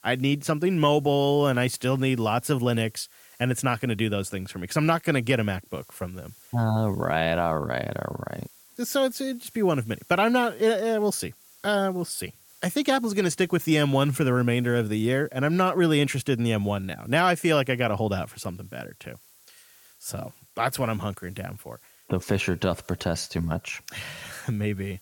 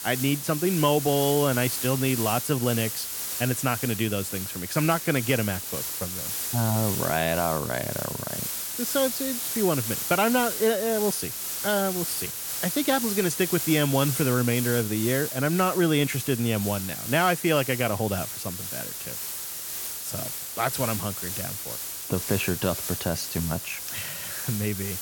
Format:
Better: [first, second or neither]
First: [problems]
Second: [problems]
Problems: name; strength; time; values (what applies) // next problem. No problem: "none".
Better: first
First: hiss; faint; throughout; 25 dB below the speech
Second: hiss; loud; throughout; 4 dB below the speech